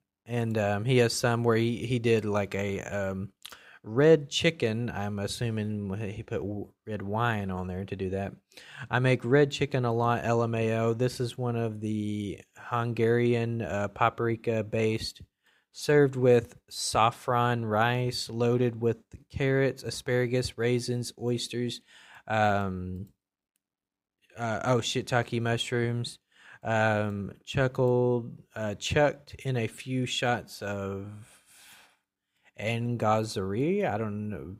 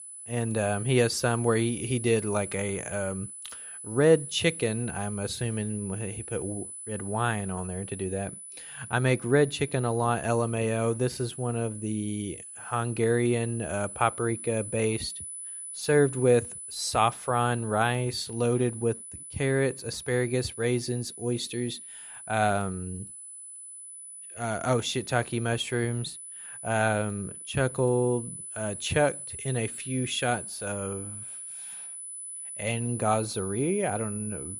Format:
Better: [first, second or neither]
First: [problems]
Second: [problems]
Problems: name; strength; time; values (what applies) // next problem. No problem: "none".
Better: first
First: none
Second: high-pitched whine; loud; throughout; 10 kHz, 10 dB below the speech